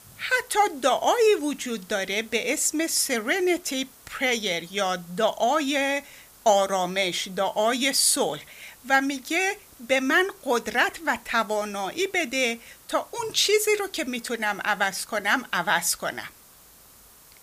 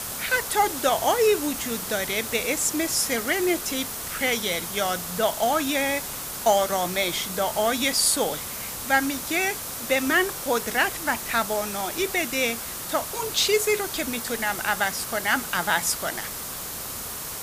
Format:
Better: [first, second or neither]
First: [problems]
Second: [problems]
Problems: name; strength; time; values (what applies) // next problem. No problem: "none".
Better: first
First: hiss; faint; throughout; 25 dB below the speech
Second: hiss; loud; throughout; 6 dB below the speech